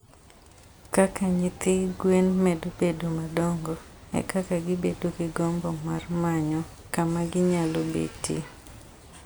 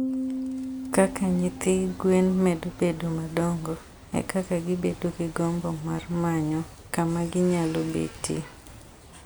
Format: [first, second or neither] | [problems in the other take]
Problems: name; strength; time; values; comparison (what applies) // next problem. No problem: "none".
first | background sound (Piano); 12 dB below the speech